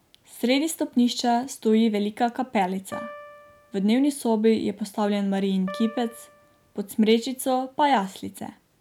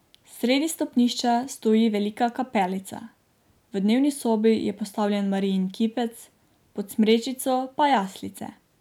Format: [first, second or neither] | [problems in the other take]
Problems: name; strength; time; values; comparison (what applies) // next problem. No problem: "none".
second | background sound (Piano); 18 dB below the speech